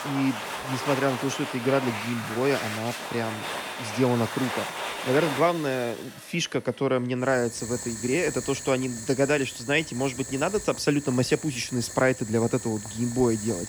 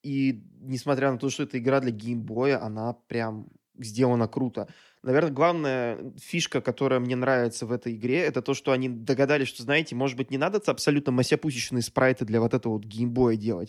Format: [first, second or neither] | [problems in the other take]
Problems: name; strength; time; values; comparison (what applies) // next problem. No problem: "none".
second | household noises; loud; throughout; 7 dB below the speech